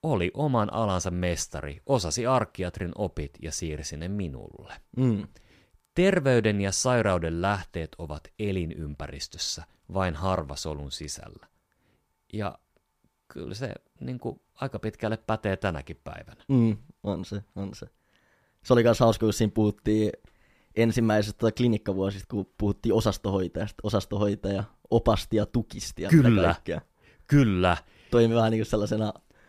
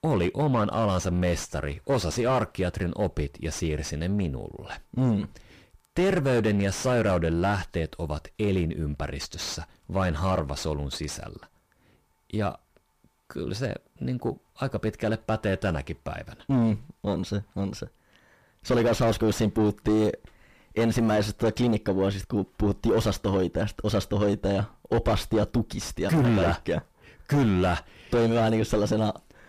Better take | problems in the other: first | distortion; heavy; 6 dB below the speech

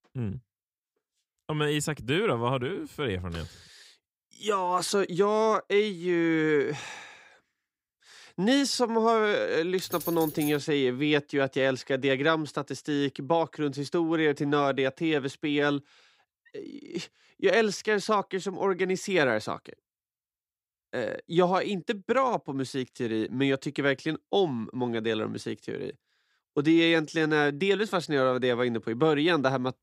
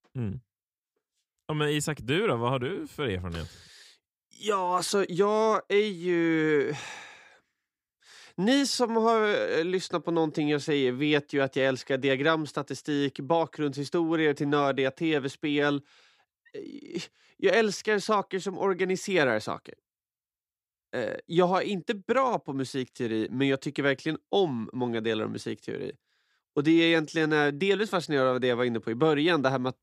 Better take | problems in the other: second | jangling keys; noticeable; at 10 s; peak 9 dB below the speech

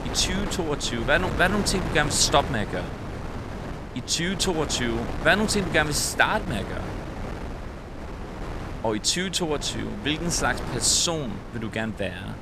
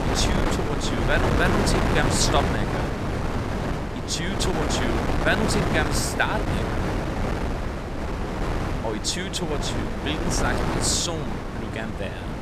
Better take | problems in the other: first | wind noise on the microphone; heavy; 1 dB below the speech; occasional gusts in the first

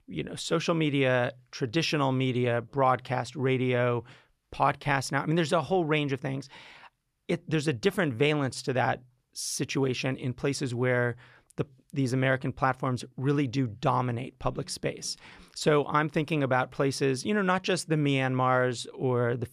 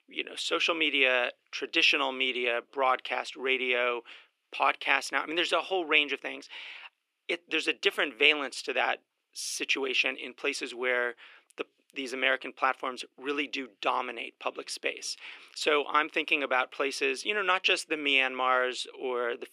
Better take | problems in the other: first | thin; somewhat; fading below 300 Hz

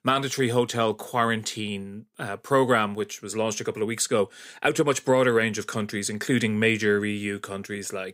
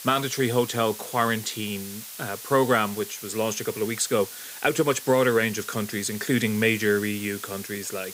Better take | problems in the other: first | hiss; noticeable; throughout; 10 dB below the speech

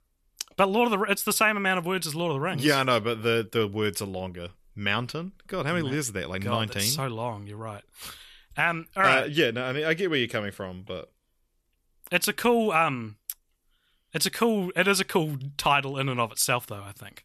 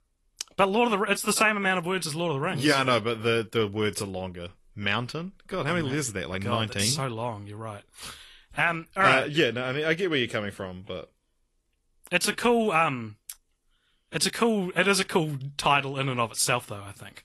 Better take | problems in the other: first | garbled, watery; slightly; nothing above 11.5 kHz

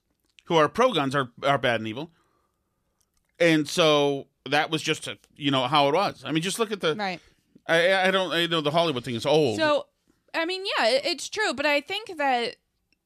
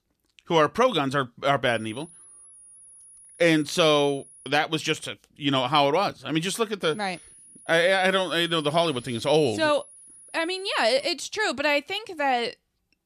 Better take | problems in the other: first | high-pitched whine; faint; from 1.5 to 4.5 s and from 7 to 11 s; 10.5 kHz, 25 dB below the speech

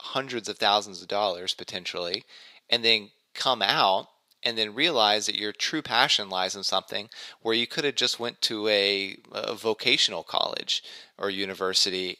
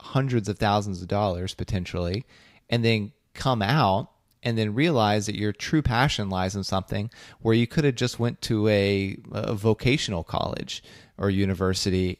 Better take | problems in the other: second | thin; very; fading below 450 Hz

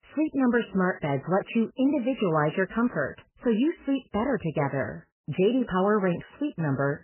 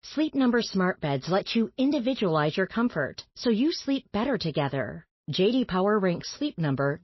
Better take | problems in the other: second | garbled, watery; badly; nothing above 3 kHz; slightly in the second

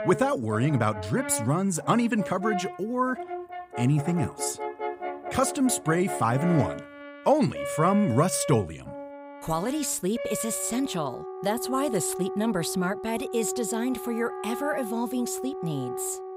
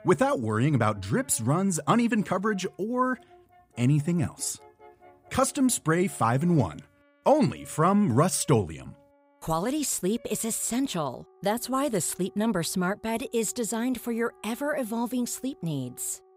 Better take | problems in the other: second | background music; loud; throughout; 9 dB below the speech; faint in the second

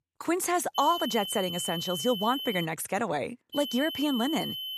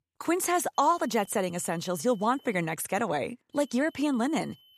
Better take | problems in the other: second | high-pitched whine; loud; from 1 to 2.5 s and from 3.5 s on; 3 kHz, 6 dB below the speech; faint in the second

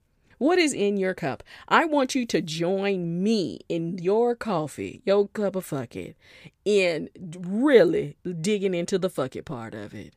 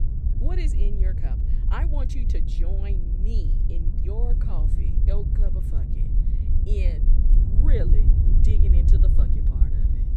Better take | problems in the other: first | low rumble; loud; throughout; 1 dB below the speech

